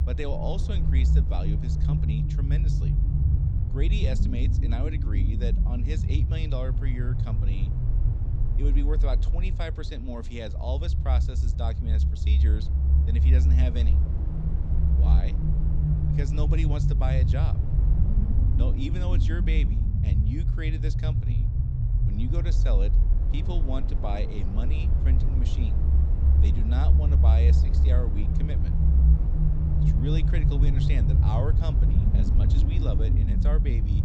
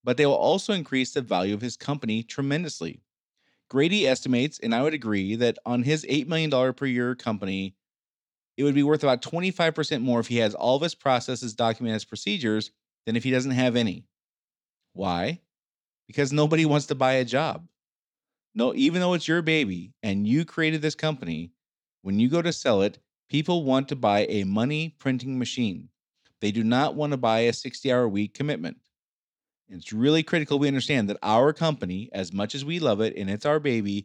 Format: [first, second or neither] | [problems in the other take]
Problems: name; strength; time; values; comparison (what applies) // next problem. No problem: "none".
second | low rumble; loud; throughout; 1 dB below the speech